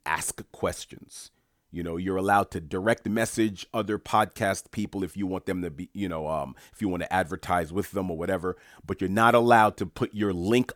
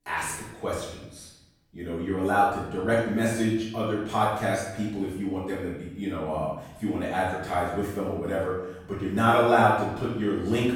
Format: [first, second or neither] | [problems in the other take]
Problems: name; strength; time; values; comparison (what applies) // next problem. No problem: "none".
first | off-mic speech; far // room echo; noticeable; dies away in 0.8 s